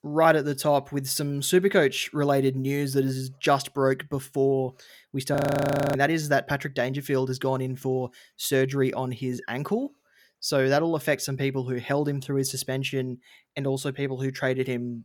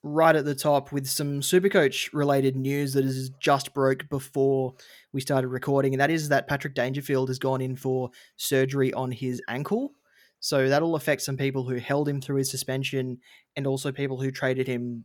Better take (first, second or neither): second